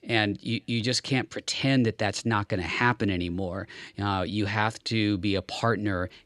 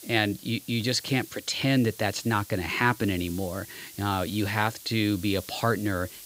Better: first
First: none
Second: hiss; noticeable; throughout; 15 dB below the speech

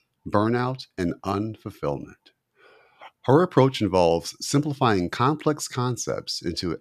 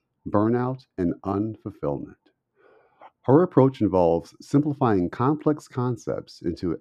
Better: first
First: none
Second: muffled; very; fading above 2 kHz

